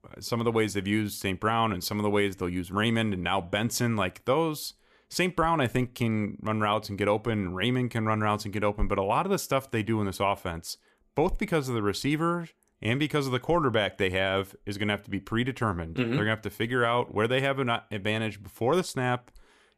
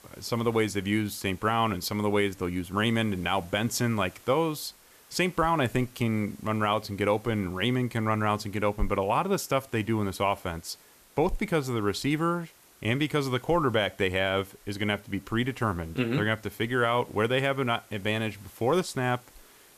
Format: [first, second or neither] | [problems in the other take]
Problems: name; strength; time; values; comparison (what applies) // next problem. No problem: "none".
first | hiss; faint; throughout; 25 dB below the speech